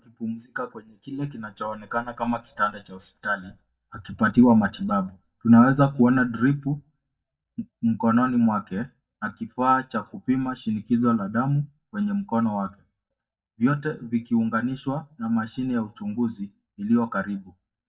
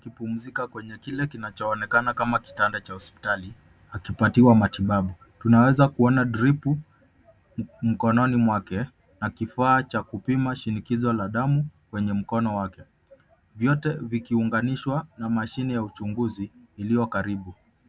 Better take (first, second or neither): second